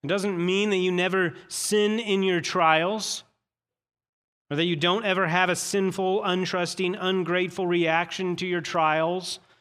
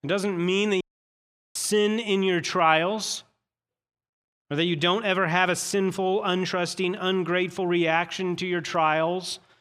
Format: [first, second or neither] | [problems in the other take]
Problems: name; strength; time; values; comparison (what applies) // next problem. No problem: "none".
first | audio cutting out; at 1 s for 0.5 s